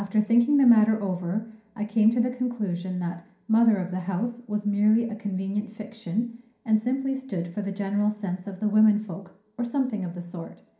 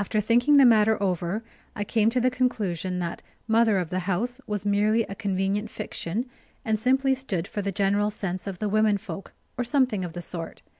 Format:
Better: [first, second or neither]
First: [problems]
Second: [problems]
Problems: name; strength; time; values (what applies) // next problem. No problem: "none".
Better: second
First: room echo; dies away in 0.5 s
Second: none